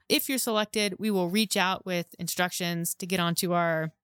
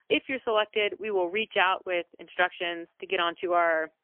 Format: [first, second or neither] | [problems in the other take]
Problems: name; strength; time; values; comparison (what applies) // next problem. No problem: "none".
first | phone-call audio; poor line; nothing above 3 kHz